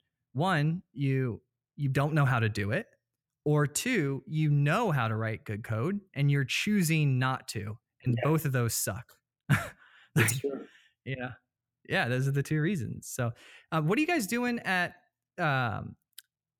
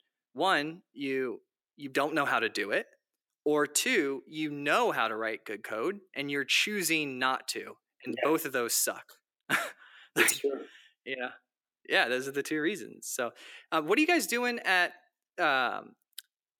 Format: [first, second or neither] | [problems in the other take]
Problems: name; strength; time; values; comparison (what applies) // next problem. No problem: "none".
first | thin; somewhat; fading below 300 Hz